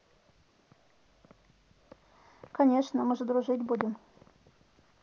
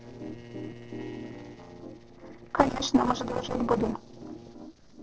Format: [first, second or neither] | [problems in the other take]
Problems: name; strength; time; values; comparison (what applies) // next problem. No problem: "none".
first | noise reduction (neural separator model SepFormer DNS4)